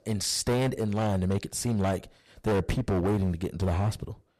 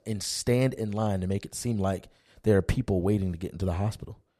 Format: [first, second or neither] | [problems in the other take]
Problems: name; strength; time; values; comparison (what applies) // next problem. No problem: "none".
second | distortion; heavy; 14% of the sound clipped